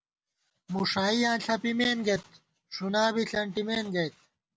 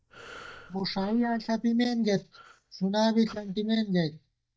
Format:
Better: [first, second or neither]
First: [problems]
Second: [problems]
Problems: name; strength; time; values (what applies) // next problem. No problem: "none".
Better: first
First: none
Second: noise reduction (neural mask model DeepFilterNet 3)